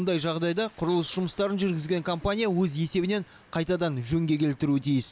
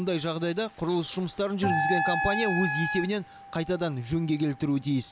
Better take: first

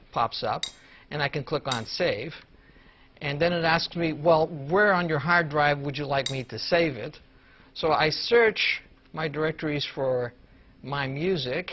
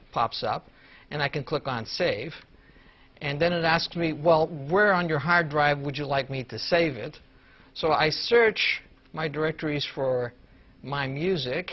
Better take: second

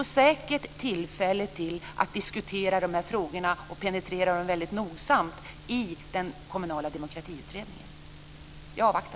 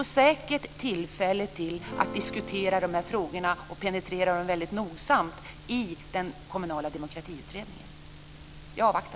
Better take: first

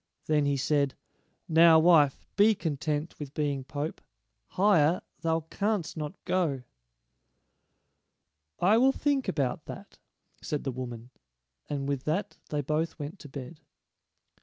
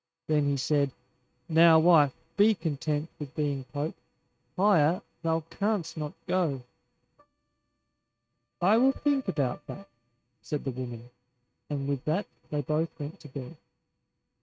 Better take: first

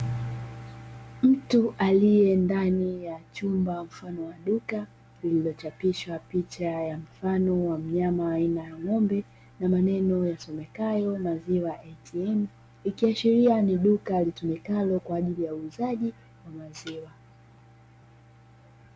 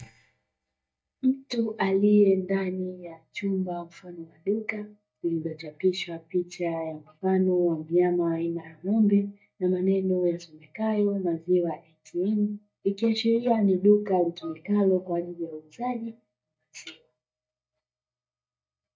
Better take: first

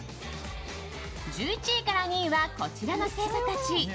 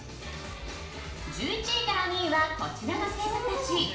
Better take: first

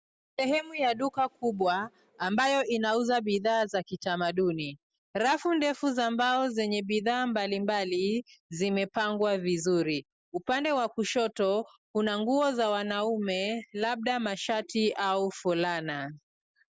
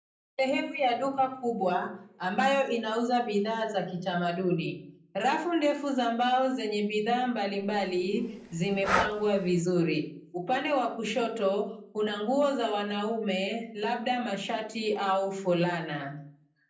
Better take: first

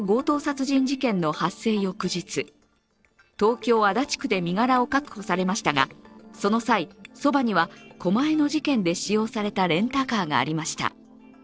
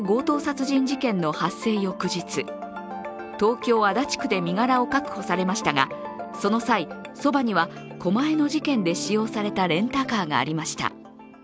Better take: second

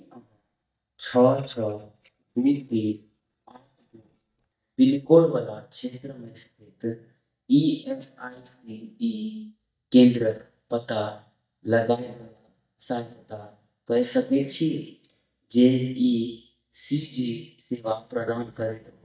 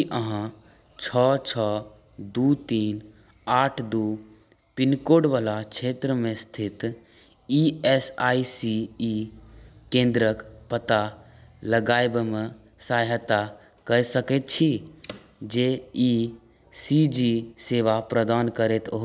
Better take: second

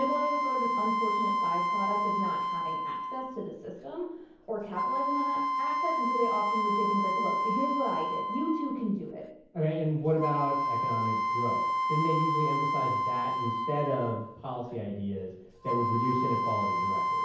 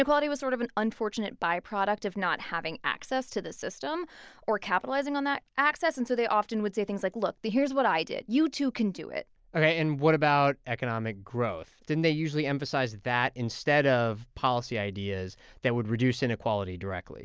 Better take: second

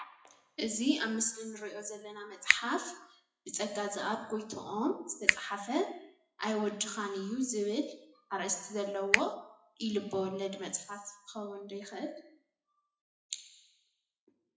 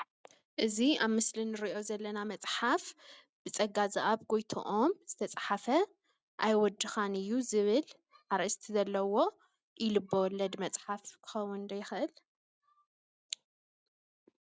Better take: second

